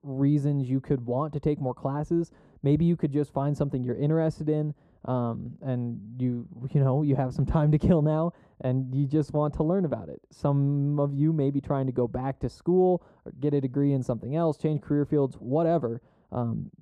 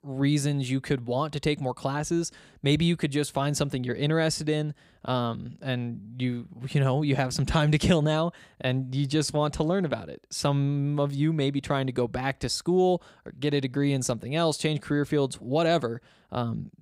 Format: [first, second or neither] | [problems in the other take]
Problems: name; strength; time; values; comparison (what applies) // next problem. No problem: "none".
second | muffled; very; fading above 1.5 kHz